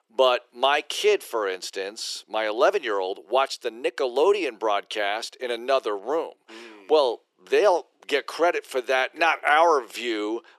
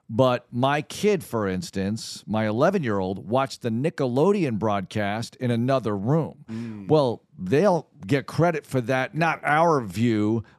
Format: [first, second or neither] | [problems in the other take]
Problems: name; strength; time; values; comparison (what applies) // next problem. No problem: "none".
second | thin; very; fading below 350 Hz